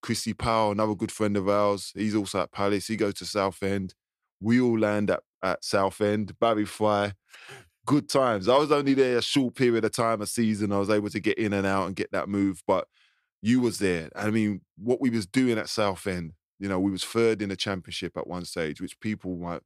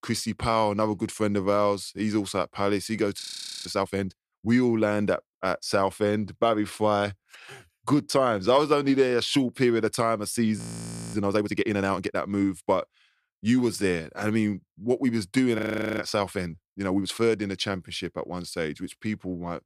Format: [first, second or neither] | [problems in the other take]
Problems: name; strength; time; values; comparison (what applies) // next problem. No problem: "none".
first | audio freezing; at 3 s, at 11 s for 0.5 s and at 16 s